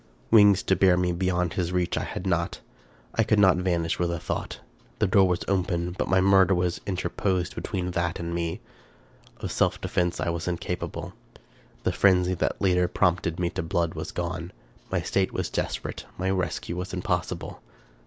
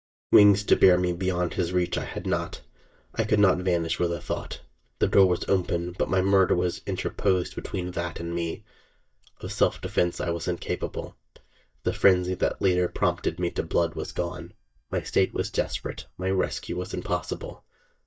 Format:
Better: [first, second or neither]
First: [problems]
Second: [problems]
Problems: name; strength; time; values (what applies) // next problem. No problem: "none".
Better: first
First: none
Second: noise reduction (neural mask model DeepFilterNet 3)